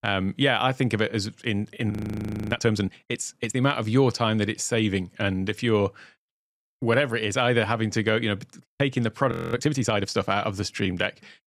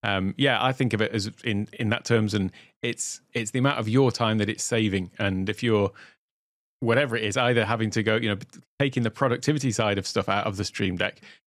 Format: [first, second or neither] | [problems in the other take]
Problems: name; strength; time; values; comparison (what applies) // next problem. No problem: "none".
second | audio freezing; at 2 s for 0.5 s and at 9.5 s